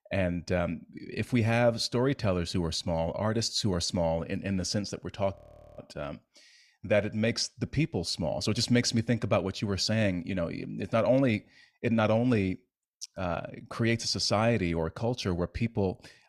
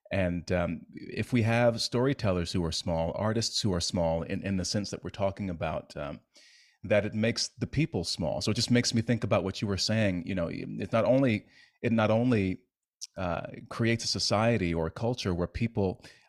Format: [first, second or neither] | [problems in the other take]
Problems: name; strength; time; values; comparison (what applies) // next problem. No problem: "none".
second | audio freezing; at 5.5 s